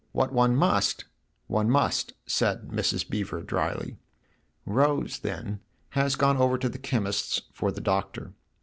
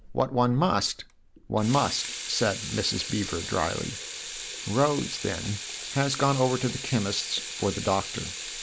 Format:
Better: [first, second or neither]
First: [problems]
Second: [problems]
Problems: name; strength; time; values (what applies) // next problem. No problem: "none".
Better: first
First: none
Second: background sound (Sink (filling or washing) / Water tap, faucet); 9 dB below the speech